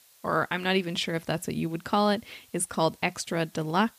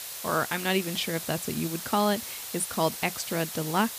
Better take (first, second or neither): first